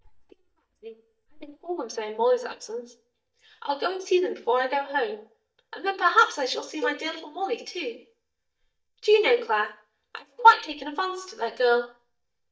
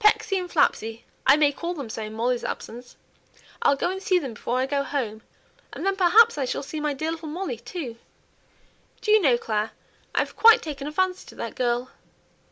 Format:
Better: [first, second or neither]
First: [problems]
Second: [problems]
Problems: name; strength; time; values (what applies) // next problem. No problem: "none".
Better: second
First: noise reduction (neural mask model DeepFilterNet 3)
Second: none